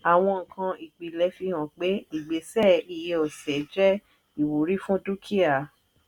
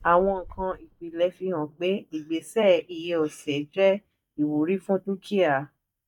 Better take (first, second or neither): first